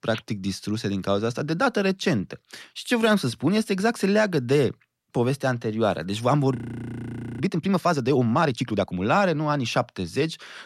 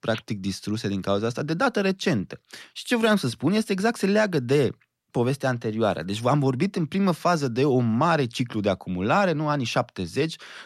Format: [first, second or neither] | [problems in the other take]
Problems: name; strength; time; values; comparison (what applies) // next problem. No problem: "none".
second | audio freezing; at 6.5 s for 1 s